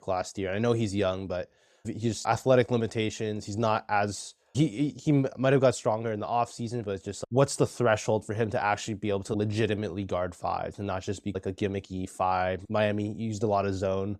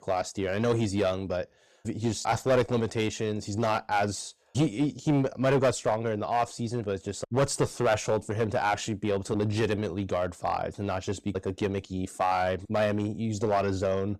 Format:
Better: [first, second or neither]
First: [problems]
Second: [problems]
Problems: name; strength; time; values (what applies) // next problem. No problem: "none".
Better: first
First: none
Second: distortion; slight; 5% of the sound clipped